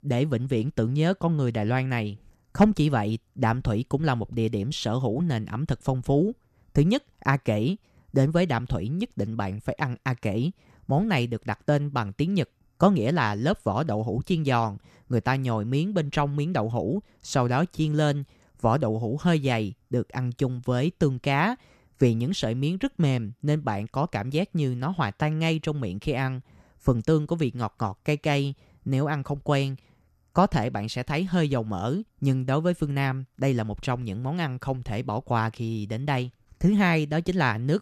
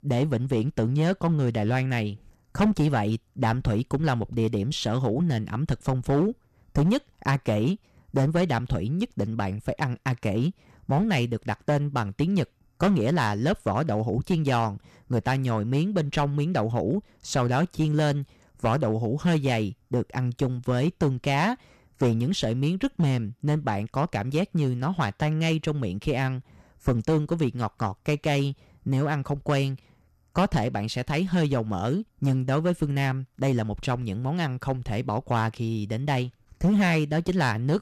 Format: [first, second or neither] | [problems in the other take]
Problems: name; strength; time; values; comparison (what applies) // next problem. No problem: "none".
first | distortion; slight; 5% of the sound clipped